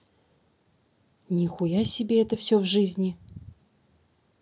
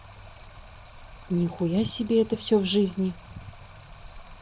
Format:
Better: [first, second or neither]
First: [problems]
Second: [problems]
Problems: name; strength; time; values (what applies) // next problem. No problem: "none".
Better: first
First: none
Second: background sound (Stream); 17 dB below the speech